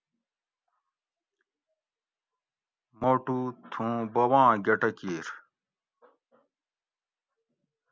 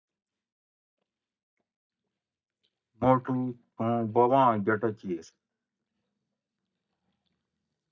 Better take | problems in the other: first | noise reduction (neural mask model DeepFilterNet 3)

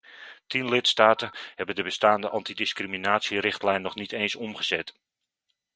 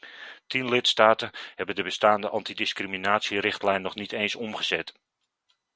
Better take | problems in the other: second | noise reduction (neural mask model DeepFilterNet 3)

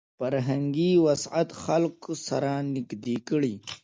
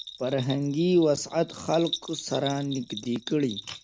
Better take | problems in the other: first | background sound (Bell); 13 dB below the speech

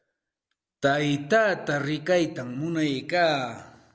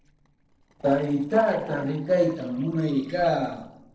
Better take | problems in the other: first | noise reduction (neural separator model SepFormer DNS4)

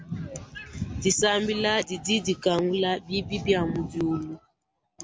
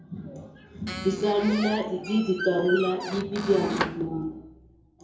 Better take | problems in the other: first | background sound (Squeak); 8 dB below the speech // room echo; dies away in 2.7 s

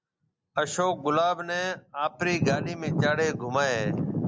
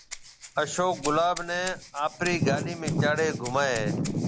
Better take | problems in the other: first | background sound (Rattle (instrument)); 15 dB below the speech

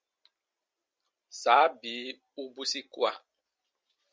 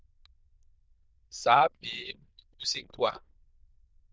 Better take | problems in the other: first | noise reduction (neural diffusion model UNIVERSE++)

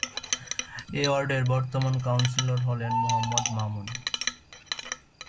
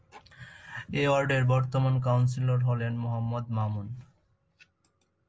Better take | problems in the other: second | background sound (Bird + Chink, clink); 4 dB below the speech

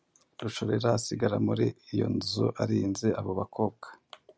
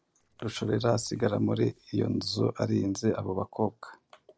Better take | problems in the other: first | noise reduction (neural separator model SepFormer DNS4)

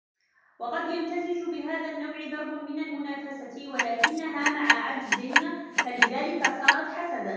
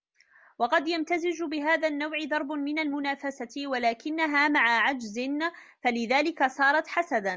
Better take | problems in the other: second | background sound (Clock); 4 dB above the speech // room echo; dies away in 1.3 s

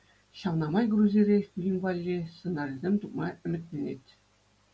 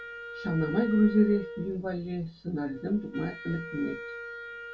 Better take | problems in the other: first | background sound (Wind instrument, woodwind instrument); 12 dB below the speech // room echo; dies away in 0.2 s

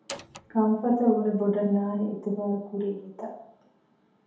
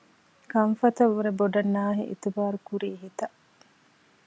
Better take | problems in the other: second | background sound (Door); 13 dB below the speech // room echo; dies away in 0.8 s

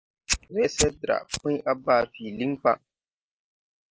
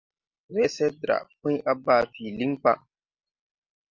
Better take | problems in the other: second | noise reduction (neural mask model Resemble Enhance denoiser)

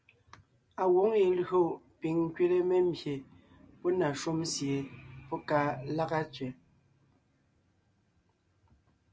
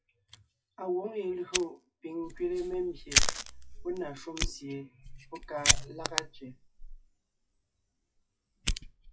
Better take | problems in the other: first | noise reduction (classical method WPE with log-MMSE)

